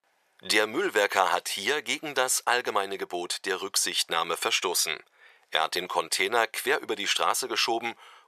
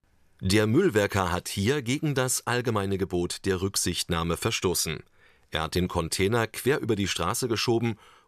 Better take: second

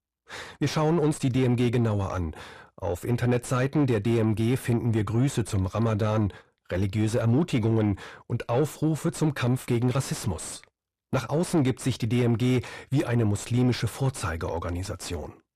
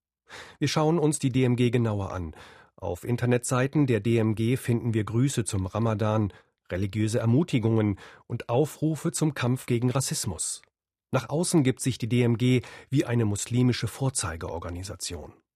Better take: second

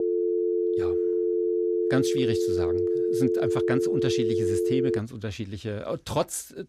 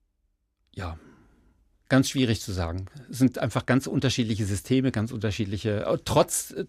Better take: second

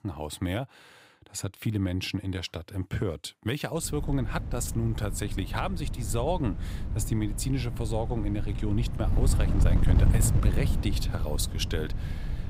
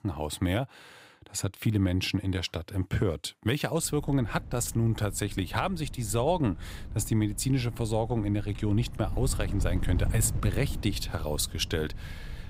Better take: second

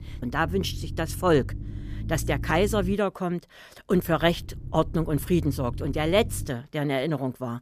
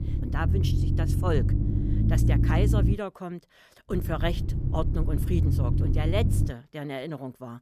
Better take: first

